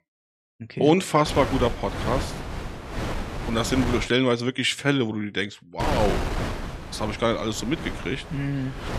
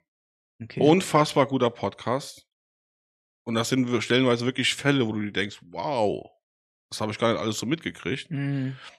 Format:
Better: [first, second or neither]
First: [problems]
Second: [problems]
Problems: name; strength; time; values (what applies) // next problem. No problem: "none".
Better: second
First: wind noise on the microphone; heavy; from 1.5 to 4 s and from 6 s on; 8 dB below the speech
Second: none